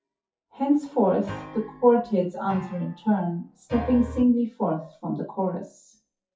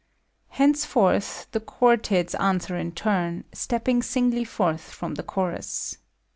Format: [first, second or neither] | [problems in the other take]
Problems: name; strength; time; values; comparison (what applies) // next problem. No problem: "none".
second | noise reduction (classical method WPE with log-MMSE)